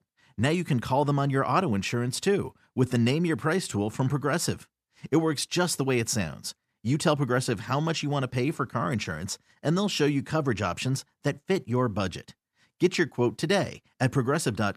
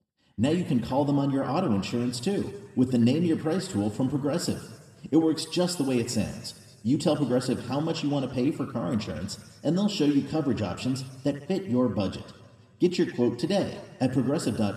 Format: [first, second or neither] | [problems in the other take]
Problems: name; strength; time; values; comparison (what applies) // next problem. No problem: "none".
first | room echo; slight; dies away in 1.4 s